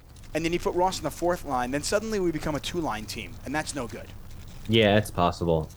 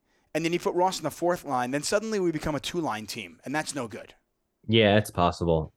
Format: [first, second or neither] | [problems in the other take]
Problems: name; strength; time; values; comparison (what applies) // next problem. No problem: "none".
second | wind noise on the microphone; occasional gusts; 25 dB below the speech